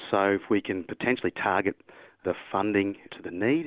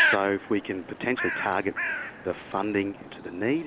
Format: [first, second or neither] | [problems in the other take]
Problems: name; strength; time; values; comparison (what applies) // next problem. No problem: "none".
first | background sound (Bird); 2 dB below the speech